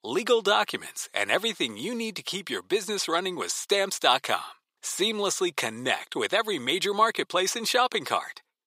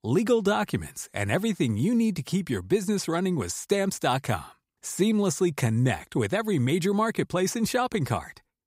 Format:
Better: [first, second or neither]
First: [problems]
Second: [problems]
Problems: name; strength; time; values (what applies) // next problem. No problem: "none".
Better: second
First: thin; very; fading below 500 Hz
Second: none